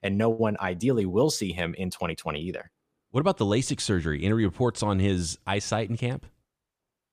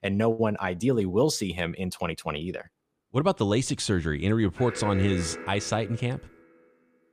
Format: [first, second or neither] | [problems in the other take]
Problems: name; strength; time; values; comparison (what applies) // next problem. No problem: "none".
first | alarm; noticeable; from 4.5 to 6 s; peak 7 dB below the speech